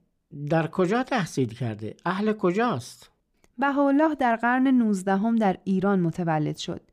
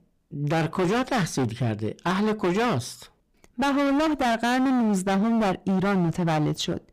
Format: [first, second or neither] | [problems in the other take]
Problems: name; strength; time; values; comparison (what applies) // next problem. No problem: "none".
first | distortion; heavy; 31% of the sound clipped